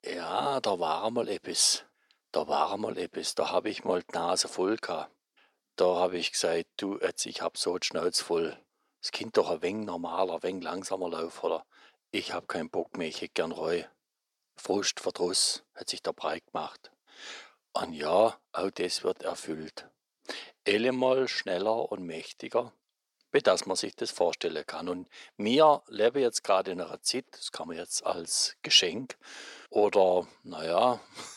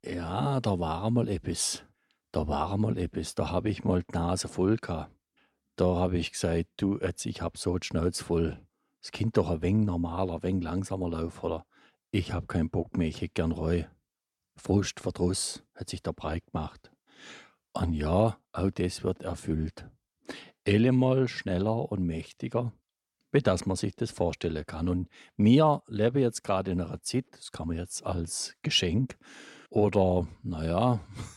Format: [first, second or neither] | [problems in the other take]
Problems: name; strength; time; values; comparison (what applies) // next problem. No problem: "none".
second | thin; somewhat; fading below 500 Hz